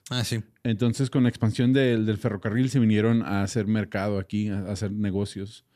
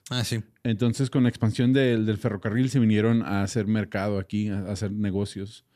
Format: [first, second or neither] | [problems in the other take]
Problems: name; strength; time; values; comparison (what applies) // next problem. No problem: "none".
neither | none